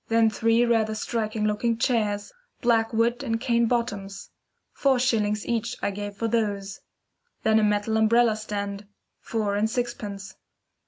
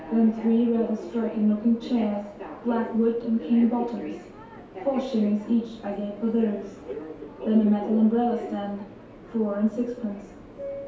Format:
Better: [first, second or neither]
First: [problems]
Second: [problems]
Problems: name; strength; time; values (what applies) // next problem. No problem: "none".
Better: first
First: none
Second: background sound (Subway, metro, underground); 13 dB below the speech // room echo; dies away in 2.4 s